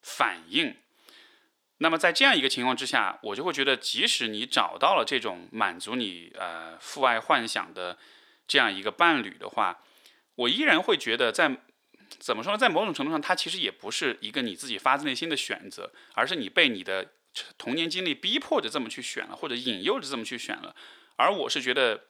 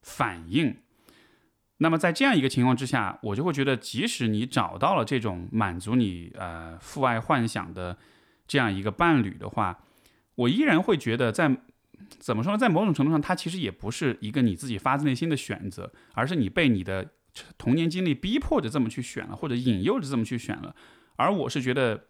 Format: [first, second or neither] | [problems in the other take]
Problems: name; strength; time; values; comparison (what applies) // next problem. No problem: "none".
second | thin; somewhat; fading below 450 Hz